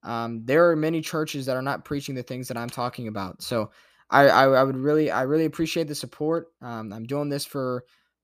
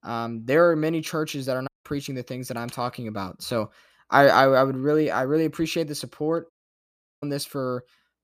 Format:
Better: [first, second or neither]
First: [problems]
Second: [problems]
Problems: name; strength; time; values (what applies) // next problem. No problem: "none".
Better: first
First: none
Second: audio cutting out; at 1.5 s and at 6.5 s for 0.5 s